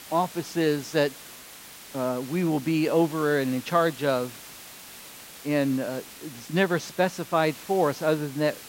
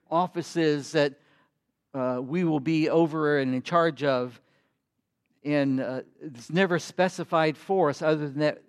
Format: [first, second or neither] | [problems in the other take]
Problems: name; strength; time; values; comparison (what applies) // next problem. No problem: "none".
second | hiss; noticeable; throughout; 15 dB below the speech